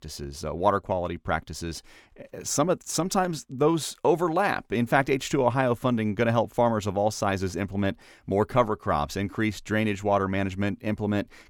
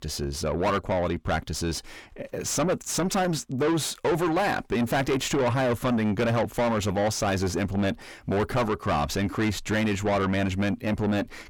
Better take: first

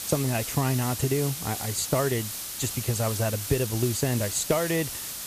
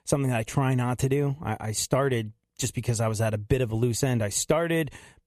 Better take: second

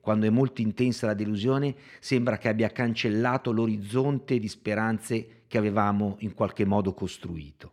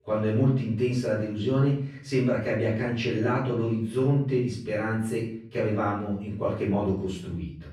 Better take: first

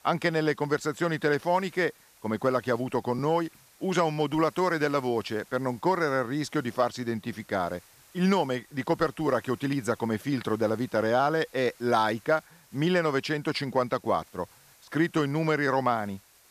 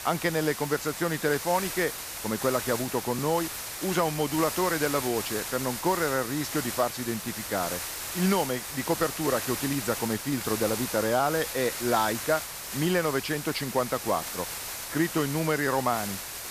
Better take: first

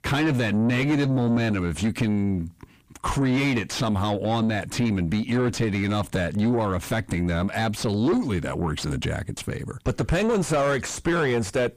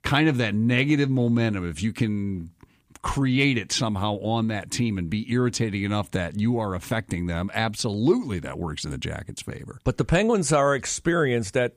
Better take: second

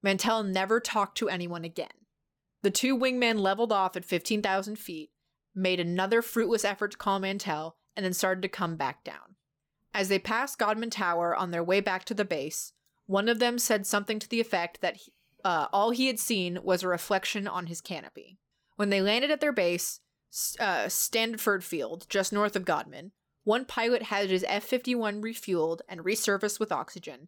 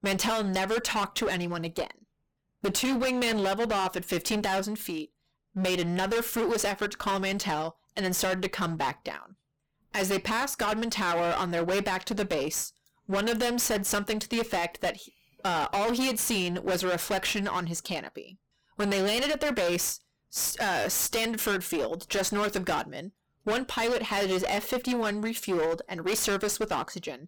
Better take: first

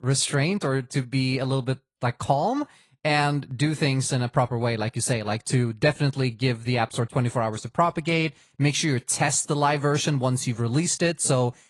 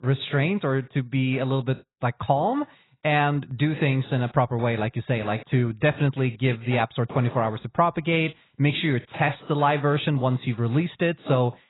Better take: first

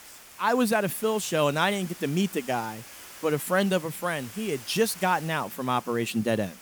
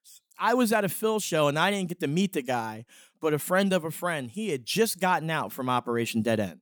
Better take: second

